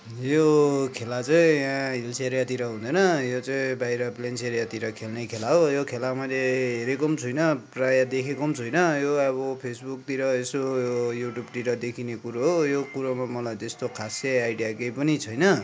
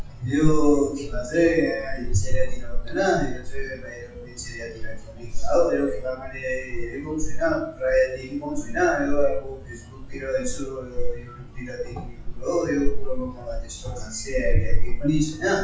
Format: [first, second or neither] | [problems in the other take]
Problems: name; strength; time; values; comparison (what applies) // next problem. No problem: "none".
first | noise reduction (classical method WPE with log-MMSE)